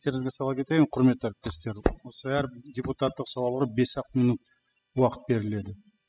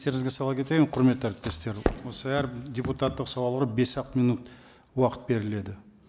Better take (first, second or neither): second